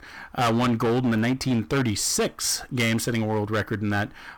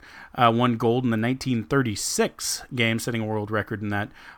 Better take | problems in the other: second | distortion; heavy; 15% of the sound clipped

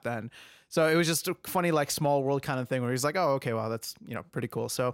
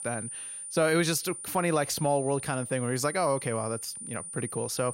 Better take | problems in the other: first | high-pitched whine; loud; throughout; 9.5 kHz, 8 dB below the speech

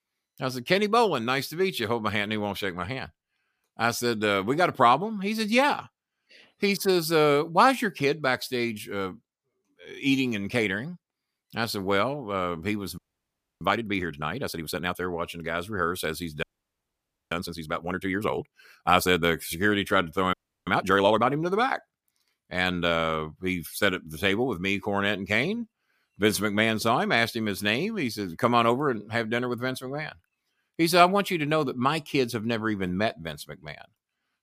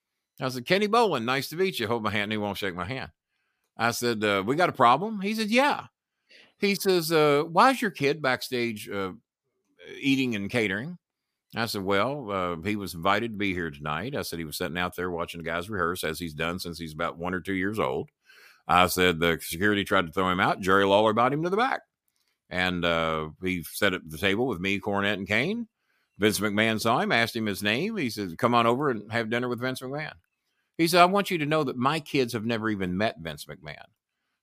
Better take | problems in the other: second | audio freezing; at 13 s for 0.5 s, at 16 s for 1 s and at 20 s

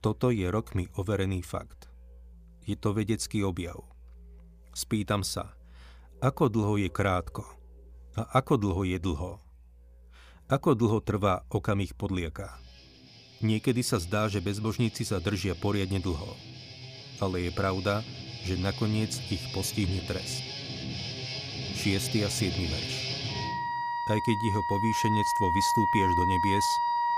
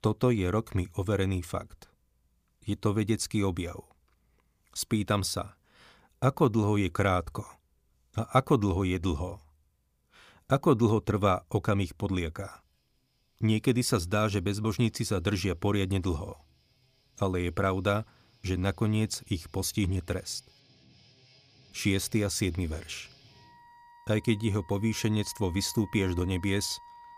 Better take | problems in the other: second | background music; loud; throughout; 2 dB below the speech; faint in the second

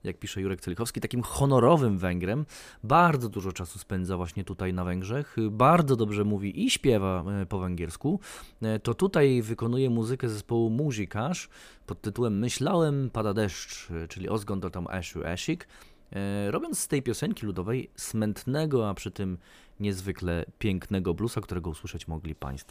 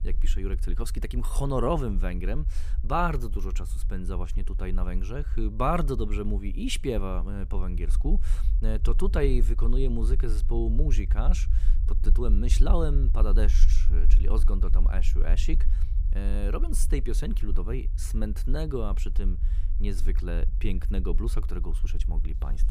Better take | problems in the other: first | low rumble; noticeable; throughout; 15 dB below the speech

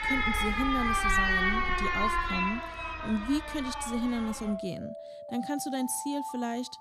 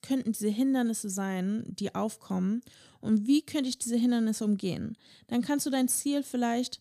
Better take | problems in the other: second | alarms or sirens; very loud; throughout; 3 dB above the speech

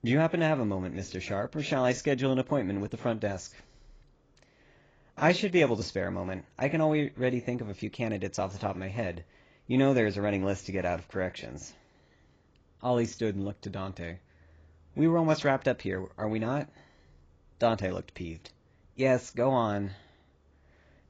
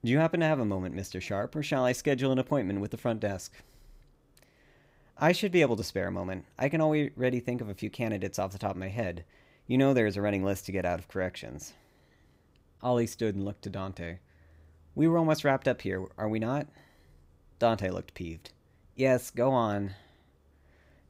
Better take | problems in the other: second | garbled, watery; badly; nothing above 7.5 kHz

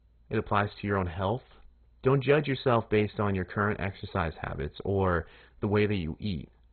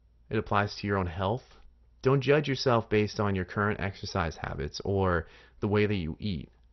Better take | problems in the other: second | garbled, watery; badly; nothing above 4 kHz; slightly in the second

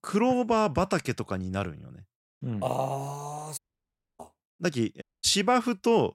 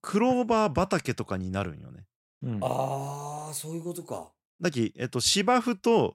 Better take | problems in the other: second | audio cutting out; at 3.5 s for 0.5 s and at 5 s

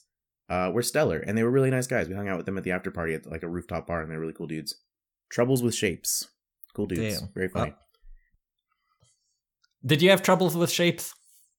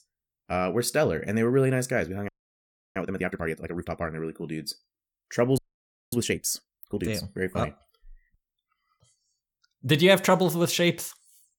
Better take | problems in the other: first | audio freezing; at 2.5 s for 0.5 s and at 5.5 s for 0.5 s

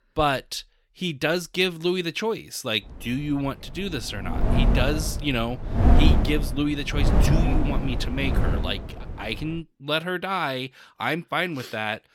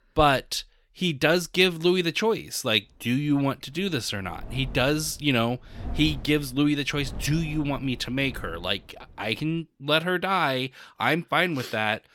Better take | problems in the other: second | wind noise on the microphone; heavy; from 3 to 9.5 s; 4 dB below the speech; occasional gusts in the second

